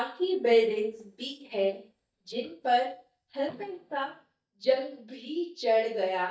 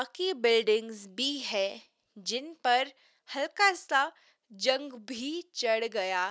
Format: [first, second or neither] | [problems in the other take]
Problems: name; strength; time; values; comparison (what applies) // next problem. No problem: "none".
second | noise reduction (neural mask model DeepFilterNet 3)